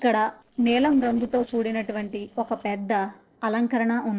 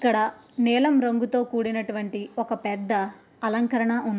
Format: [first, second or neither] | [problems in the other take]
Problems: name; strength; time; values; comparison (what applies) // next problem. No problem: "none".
second | noise reduction (neural separator model SepFormer DNS4)